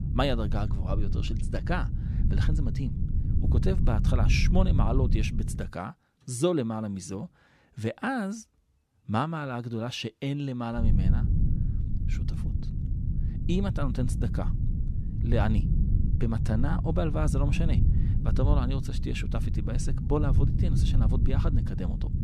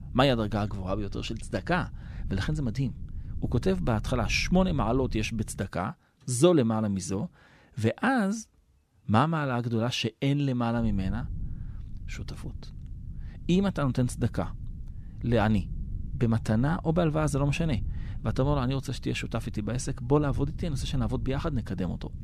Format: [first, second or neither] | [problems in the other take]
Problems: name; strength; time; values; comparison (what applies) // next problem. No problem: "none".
second | low rumble; loud; until 5.5 s and from 11 s on; 8 dB below the speech; faint in the second